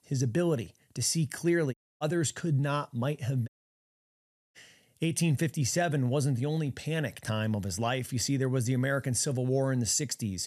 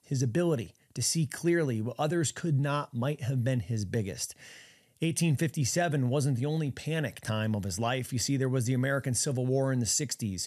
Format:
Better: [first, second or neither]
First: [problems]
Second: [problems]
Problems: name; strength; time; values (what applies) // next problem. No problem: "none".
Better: second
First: audio cutting out; at 1.5 s and at 3.5 s for 1 s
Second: none